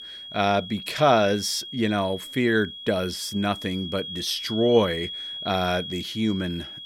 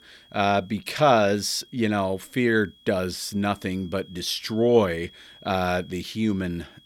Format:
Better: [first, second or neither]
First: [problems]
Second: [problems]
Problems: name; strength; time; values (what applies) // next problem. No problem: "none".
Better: second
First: high-pitched whine; loud; throughout; 3.5 kHz, 9 dB below the speech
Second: high-pitched whine; faint; throughout; 3.5 kHz, 25 dB below the speech